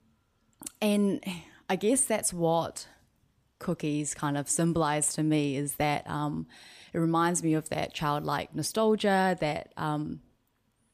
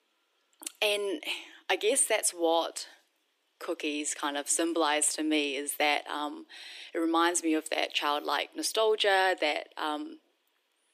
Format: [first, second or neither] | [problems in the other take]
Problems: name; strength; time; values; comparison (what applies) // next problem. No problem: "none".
first | thin; somewhat; fading below 300 Hz